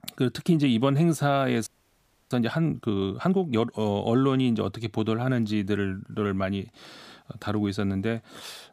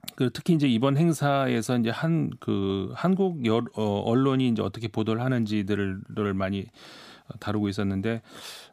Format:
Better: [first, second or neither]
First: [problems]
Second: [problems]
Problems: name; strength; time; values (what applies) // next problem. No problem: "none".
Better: second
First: audio freezing; at 1.5 s for 0.5 s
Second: none